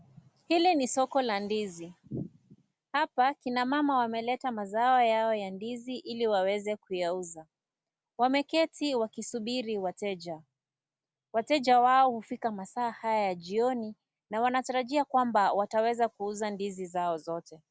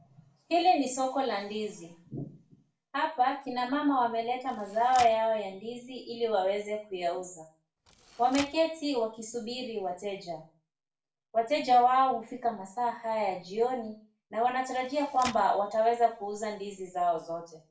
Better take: first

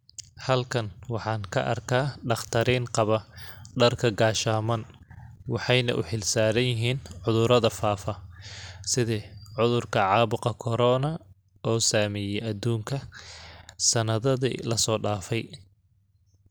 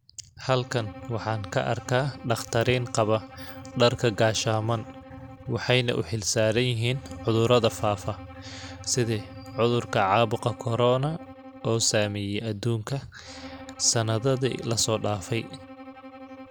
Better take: first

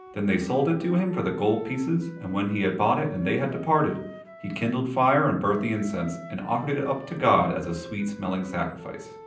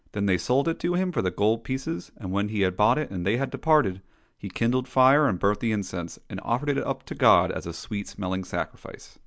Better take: second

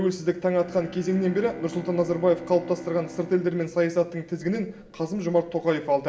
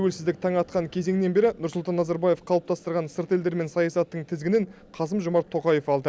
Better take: second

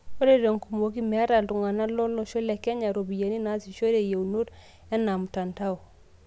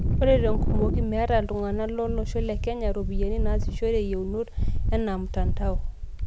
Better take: first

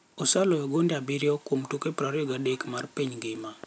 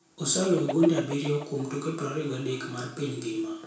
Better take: first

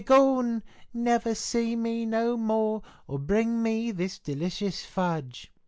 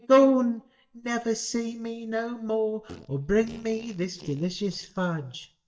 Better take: first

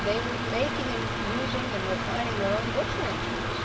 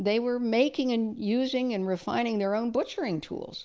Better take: second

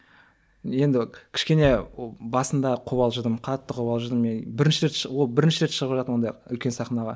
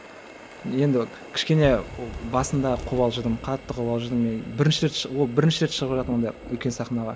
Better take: first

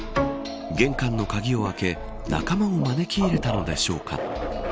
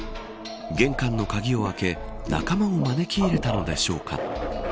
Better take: second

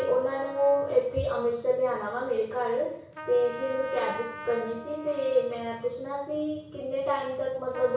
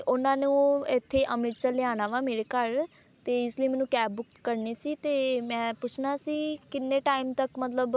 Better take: second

